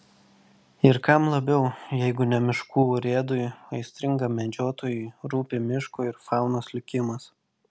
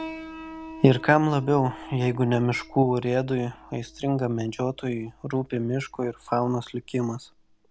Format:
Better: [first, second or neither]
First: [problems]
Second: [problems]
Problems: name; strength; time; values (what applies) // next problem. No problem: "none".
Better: first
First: none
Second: background sound (Piano); 19 dB below the speech